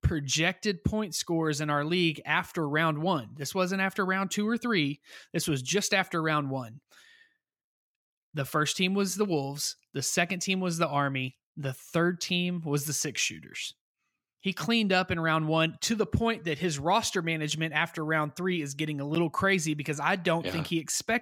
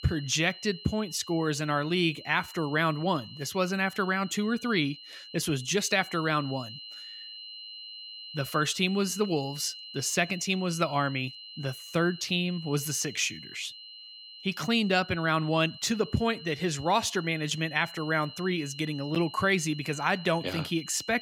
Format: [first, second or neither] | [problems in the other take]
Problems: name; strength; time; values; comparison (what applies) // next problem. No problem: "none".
first | high-pitched whine; noticeable; throughout; 4 kHz, 15 dB below the speech